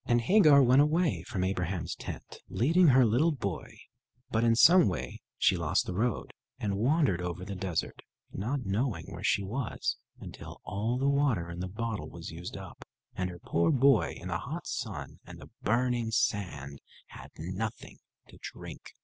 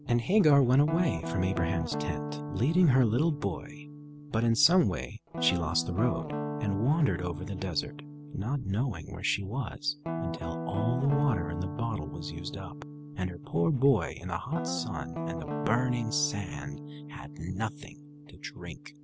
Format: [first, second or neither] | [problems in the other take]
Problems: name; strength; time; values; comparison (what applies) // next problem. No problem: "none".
first | background sound (Guitar); 8 dB below the speech